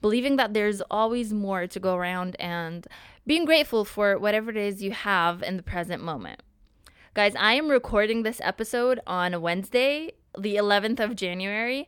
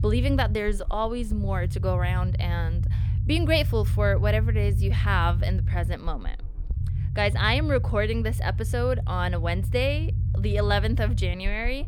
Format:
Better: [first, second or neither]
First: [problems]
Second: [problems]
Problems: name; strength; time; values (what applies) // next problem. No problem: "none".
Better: first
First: none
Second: low rumble; noticeable; throughout; 15 dB below the speech